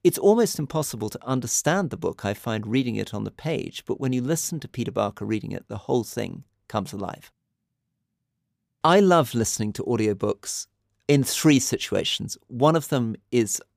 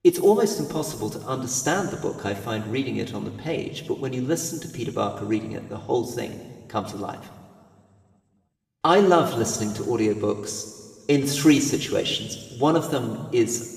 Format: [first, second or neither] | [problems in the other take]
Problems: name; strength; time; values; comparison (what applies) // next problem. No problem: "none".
first | room echo; noticeable; dies away in 1.7 s // off-mic speech; somewhat distant